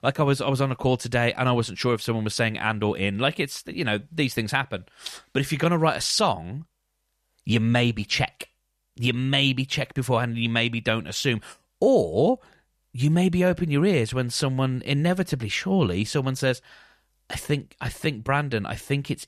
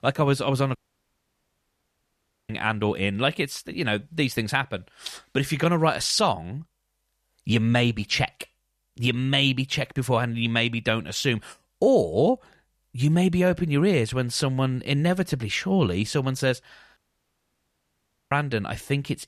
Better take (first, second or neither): first